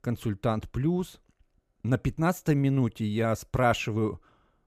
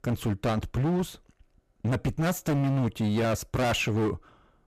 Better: first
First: none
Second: distortion; heavy; 21% of the sound clipped

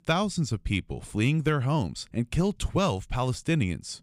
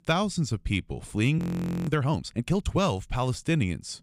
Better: first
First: none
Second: audio freezing; at 1.5 s

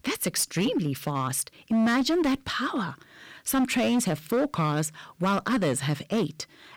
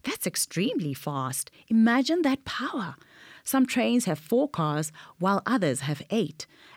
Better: second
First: distortion; slight; 11% of the sound clipped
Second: none

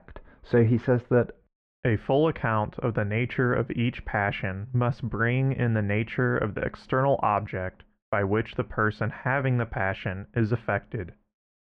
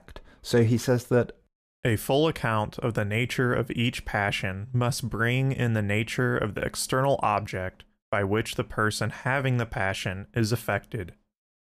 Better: second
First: muffled; very; fading above 2 kHz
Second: none

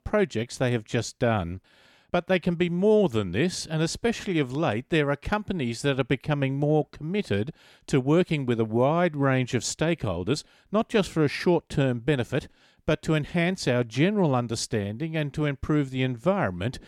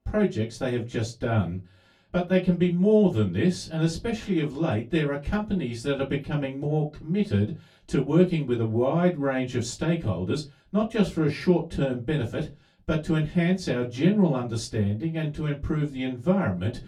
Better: first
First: none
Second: off-mic speech; far // room echo; very slight; dies away in 0.2 s

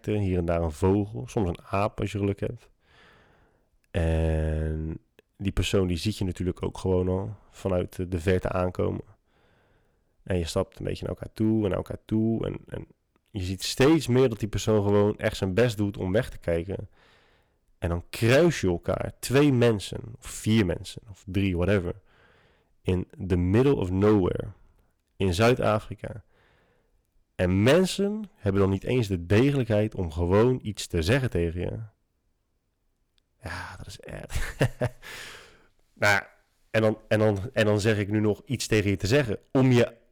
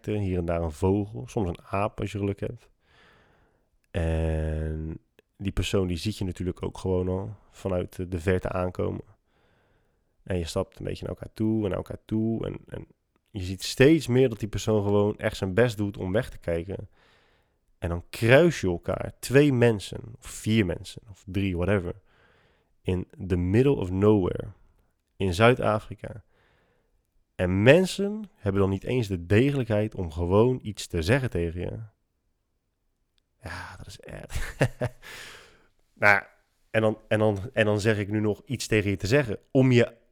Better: second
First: distortion; slight; 3% of the sound clipped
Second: none

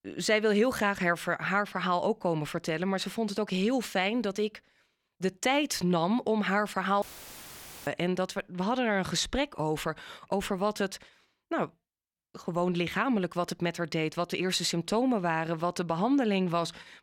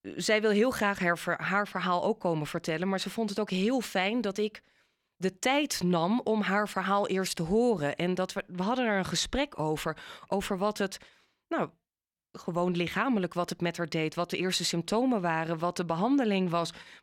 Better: second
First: audio cutting out; filled with static; at 7 s for 1 s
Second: none

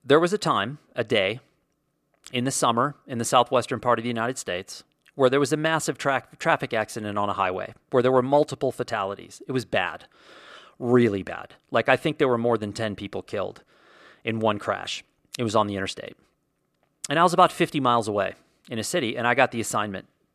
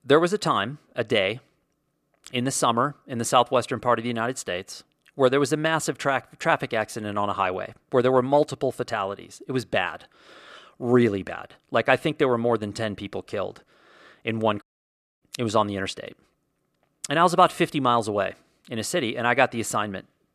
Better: first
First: none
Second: audio cutting out; at 15 s for 0.5 s

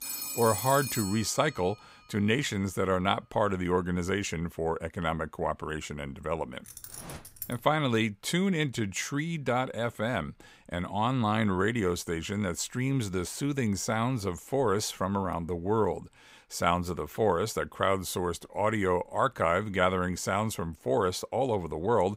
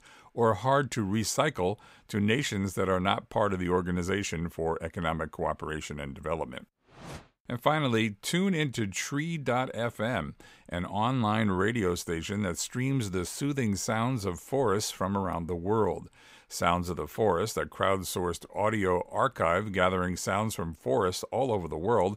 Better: second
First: phone ringing; noticeable; until 1.5 s; peak 3 dB below the speech // jangling keys; faint; at 6.5 s; peak 10 dB below the speech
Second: none

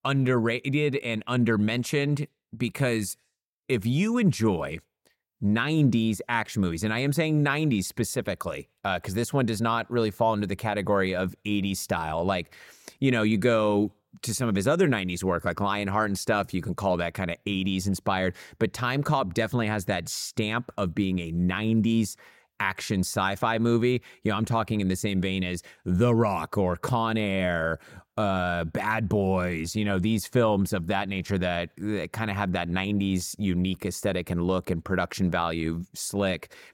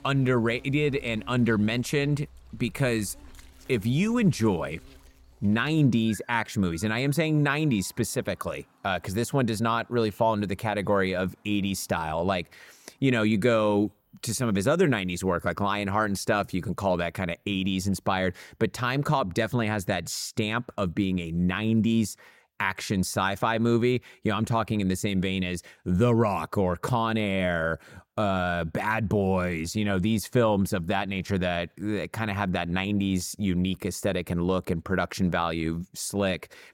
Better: first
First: none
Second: animal sounds; faint; until 19 s; 25 dB below the speech

